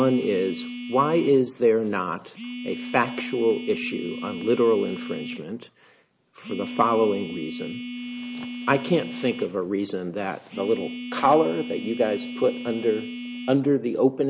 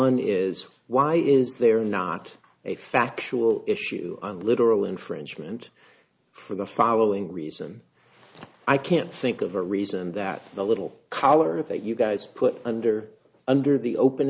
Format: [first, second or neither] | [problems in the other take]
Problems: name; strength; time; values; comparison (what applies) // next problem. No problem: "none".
second | background sound (Telephone); 10 dB below the speech